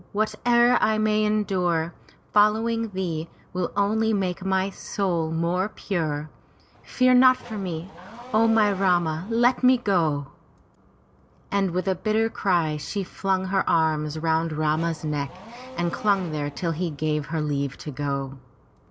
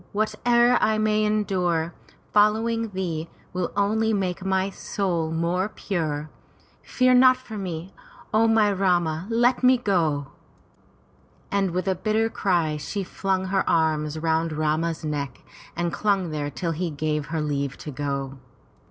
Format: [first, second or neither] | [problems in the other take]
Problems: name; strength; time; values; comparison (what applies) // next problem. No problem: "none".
second | background sound (Race car, auto racing / Accelerating, revving, vroom); 19 dB below the speech